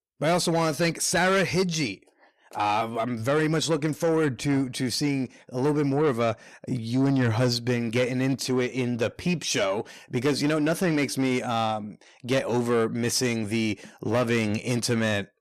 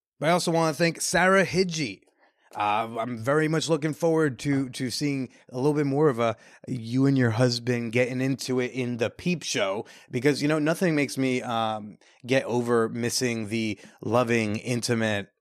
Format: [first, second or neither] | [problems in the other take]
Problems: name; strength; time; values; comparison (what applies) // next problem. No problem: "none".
second | distortion; slight; 10 dB below the speech